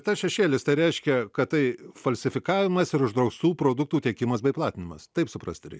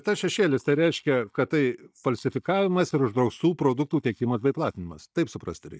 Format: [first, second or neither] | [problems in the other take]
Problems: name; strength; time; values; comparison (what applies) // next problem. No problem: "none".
first | noise reduction (neural mask model DeepFilterNet 3)